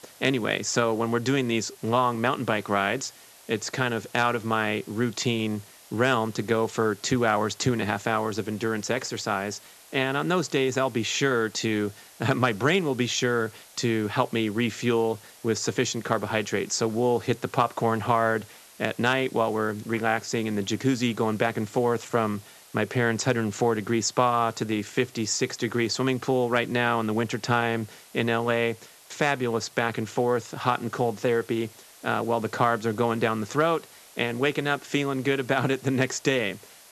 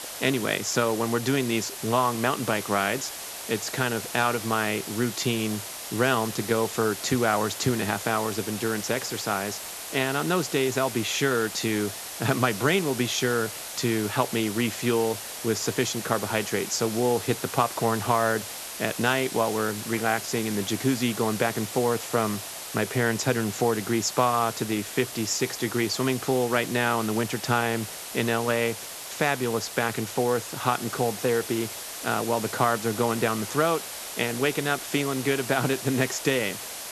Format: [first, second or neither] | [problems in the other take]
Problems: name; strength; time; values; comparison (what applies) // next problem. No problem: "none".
first | hiss; loud; throughout; 8 dB below the speech; faint in the first